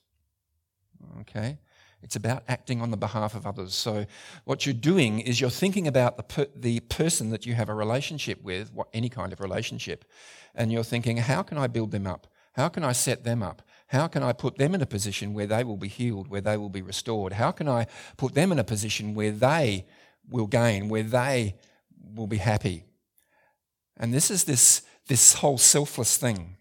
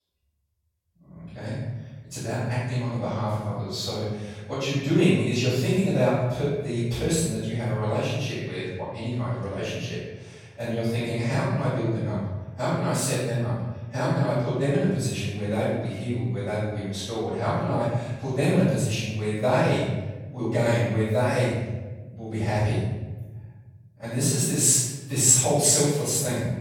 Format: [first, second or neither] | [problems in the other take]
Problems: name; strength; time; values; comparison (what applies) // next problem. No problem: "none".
first | room echo; strong; dies away in 1.2 s // off-mic speech; far